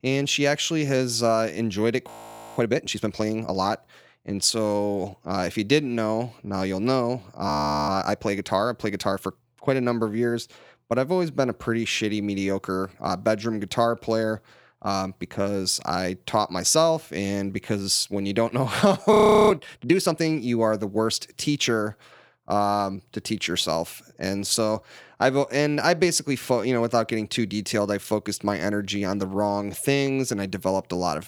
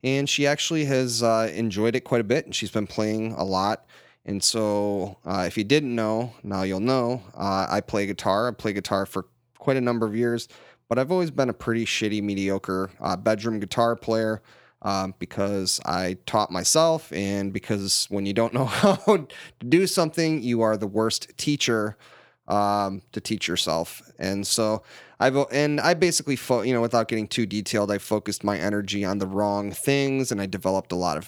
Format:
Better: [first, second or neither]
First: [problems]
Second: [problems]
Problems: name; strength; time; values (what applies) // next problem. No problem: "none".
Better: second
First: audio freezing; at 2 s, at 7.5 s and at 19 s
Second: none